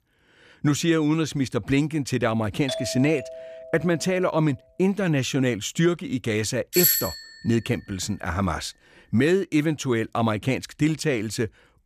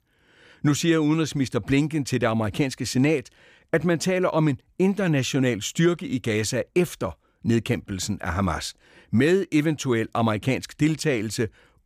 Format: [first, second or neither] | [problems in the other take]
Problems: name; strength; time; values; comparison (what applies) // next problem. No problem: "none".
second | doorbell; noticeable; from 2.5 to 4 s; peak 7 dB below the speech // doorbell; loud; at 6.5 s; peak 5 dB above the speech